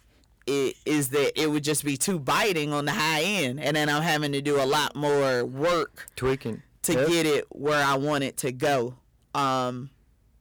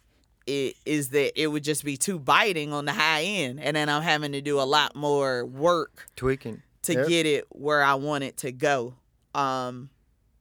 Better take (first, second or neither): second